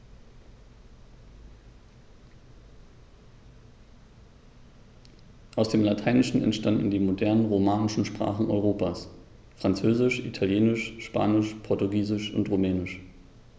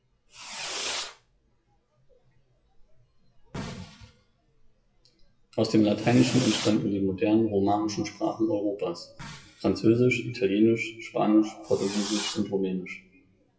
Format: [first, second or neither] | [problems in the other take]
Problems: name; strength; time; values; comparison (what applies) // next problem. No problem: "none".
first | noise reduction (classical method WPE with log-MMSE)